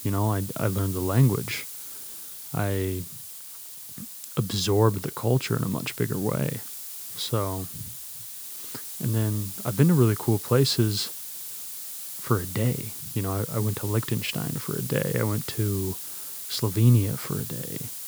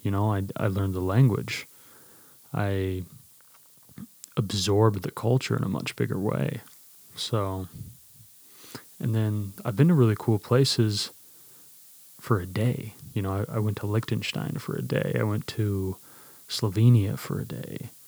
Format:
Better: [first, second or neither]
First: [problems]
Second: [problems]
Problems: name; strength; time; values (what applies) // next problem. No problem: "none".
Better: second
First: hiss; loud; throughout; 8 dB below the speech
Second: hiss; faint; throughout; 20 dB below the speech